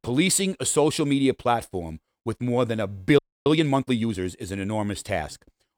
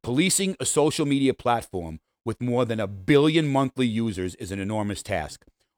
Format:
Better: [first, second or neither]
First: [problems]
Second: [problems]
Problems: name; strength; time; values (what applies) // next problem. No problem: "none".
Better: second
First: audio freezing; at 3 s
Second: none